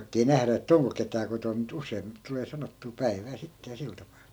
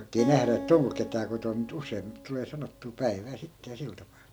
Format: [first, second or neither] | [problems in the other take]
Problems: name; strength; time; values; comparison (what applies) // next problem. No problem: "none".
first | background sound (Acoustic guitar); 11 dB below the speech